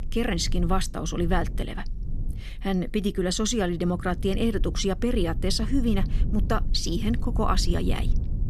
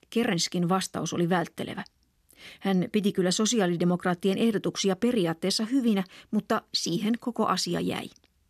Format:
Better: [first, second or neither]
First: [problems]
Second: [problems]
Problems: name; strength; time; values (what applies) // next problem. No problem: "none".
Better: second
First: low rumble; noticeable; throughout; 15 dB below the speech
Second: none